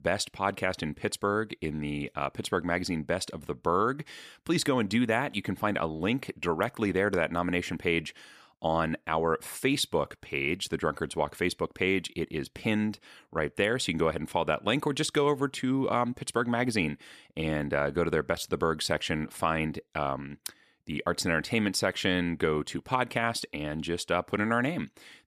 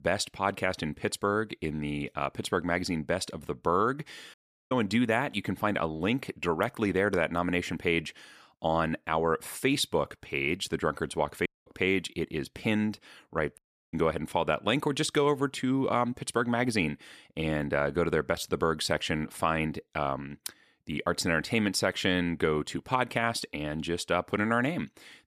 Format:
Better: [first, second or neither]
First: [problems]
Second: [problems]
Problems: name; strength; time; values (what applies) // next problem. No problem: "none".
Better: first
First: none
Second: audio cutting out; at 4.5 s, at 11 s and at 14 s